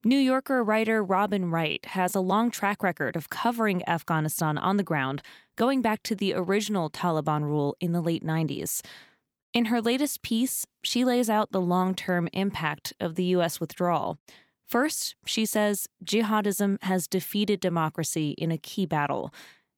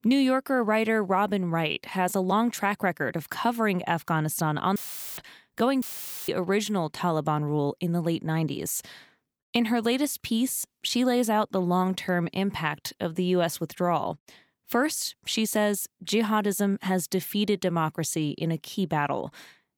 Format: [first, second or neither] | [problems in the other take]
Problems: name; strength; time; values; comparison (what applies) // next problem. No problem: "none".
first | audio cutting out; filled with static; at 5 s and at 6 s